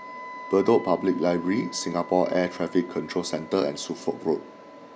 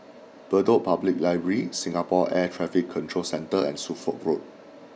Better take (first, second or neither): second